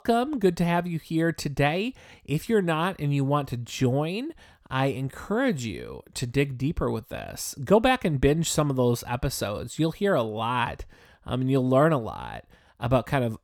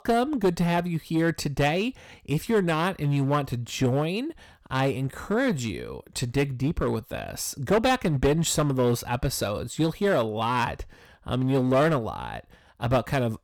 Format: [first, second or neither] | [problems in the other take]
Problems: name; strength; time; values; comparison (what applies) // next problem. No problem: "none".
first | distortion; slight; 6% of the sound clipped